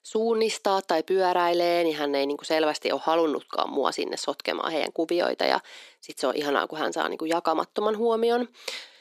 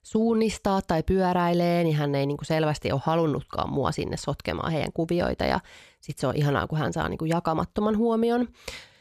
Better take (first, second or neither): second